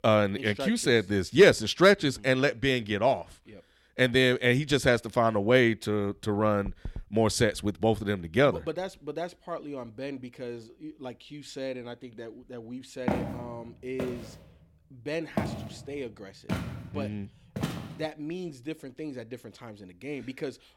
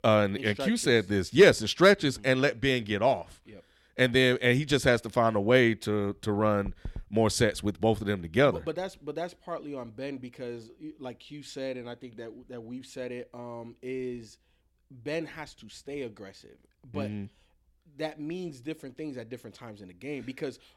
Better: second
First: footsteps; noticeable; from 13 to 18 s; peak 5 dB below the speech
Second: none

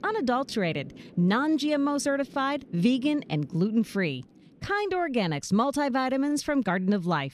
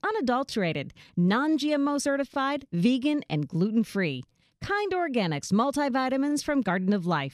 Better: second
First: rain or running water; faint; throughout; 25 dB below the speech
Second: none

